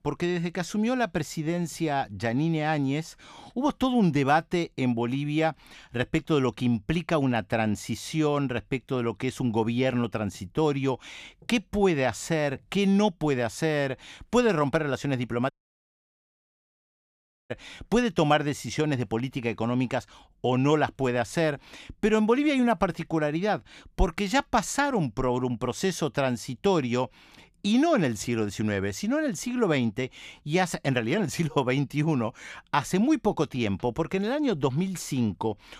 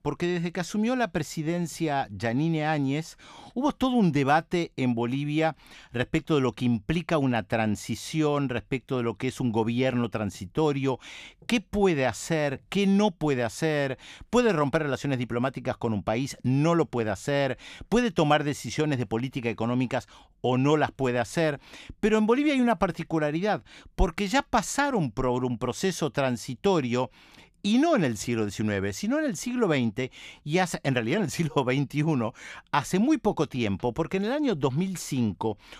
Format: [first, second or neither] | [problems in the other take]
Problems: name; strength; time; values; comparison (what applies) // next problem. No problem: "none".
second | audio cutting out; at 16 s for 2 s